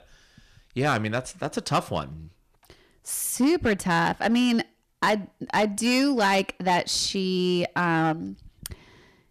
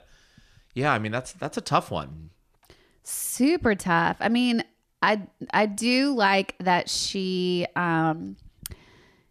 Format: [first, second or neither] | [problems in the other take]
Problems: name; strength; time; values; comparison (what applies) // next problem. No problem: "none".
second | distortion; slight; 5% of the sound clipped